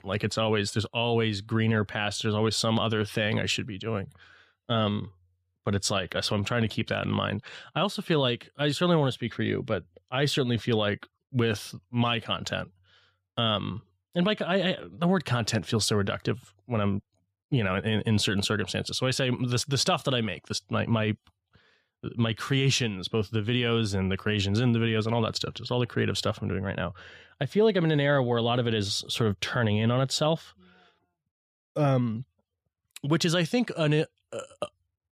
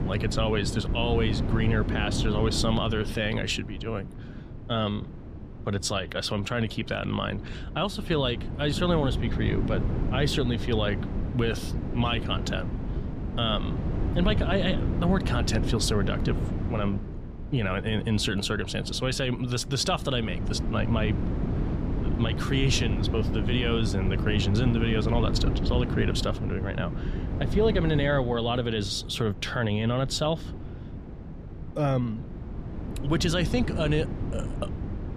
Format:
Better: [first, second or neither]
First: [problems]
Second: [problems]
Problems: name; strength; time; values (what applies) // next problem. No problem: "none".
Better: first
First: none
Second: wind noise on the microphone; heavy; 10 dB below the speech